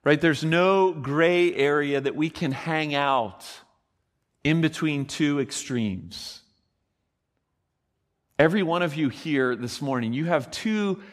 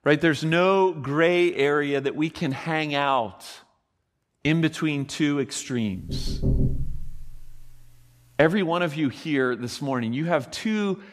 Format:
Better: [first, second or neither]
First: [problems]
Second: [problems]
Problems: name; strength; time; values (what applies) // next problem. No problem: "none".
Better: first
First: none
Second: door banging; noticeable; from 6 to 7.5 s; peak 1 dB below the speech